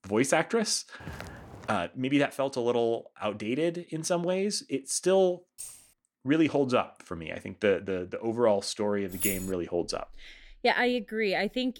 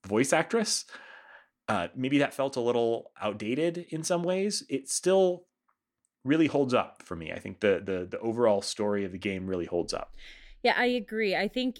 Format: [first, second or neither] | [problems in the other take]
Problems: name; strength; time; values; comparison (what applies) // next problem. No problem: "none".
second | footsteps; faint; at 1 s; peak 15 dB below the speech // jangling keys; faint; at 5.5 s; peak 15 dB below the speech // jangling keys; noticeable; at 9 s; peak 2 dB below the speech